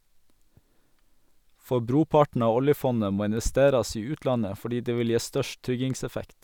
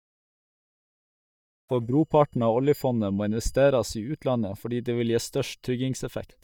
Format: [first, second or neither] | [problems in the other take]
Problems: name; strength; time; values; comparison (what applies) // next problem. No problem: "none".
first | noise reduction (neural mask model DeepFilterNet 3)